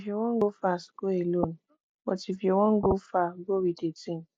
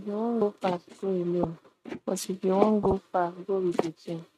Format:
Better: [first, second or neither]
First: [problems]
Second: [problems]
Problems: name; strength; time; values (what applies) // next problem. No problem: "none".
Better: first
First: none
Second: noise reduction (neural mask model RNNoise)